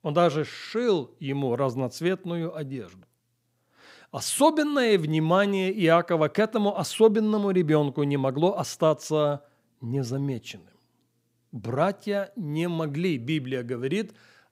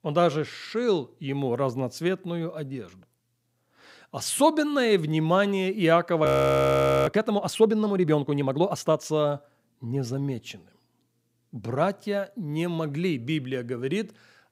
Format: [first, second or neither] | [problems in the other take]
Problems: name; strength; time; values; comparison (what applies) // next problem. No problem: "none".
first | audio freezing; at 6.5 s for 1 s